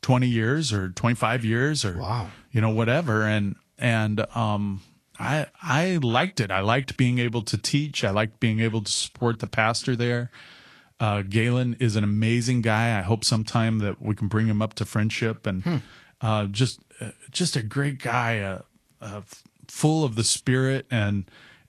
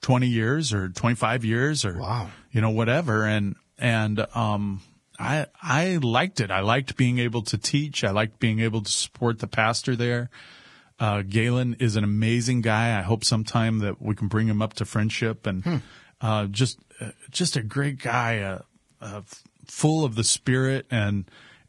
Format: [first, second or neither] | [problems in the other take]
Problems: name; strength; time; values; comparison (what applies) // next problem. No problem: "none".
first | garbled, watery; badly; nothing above 10 kHz; slightly in the first